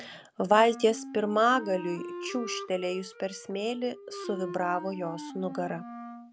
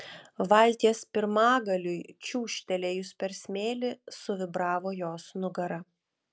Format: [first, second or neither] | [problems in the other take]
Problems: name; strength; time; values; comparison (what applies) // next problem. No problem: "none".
second | background sound (Wind instrument, woodwind instrument); 12 dB below the speech